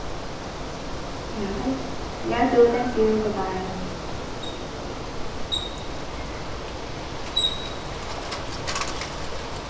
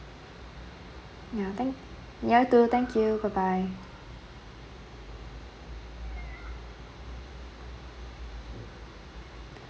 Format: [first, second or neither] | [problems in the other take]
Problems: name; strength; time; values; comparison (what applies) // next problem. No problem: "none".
second | background sound (Bicycle); 2 dB below the speech // room echo; dies away in 0.9 s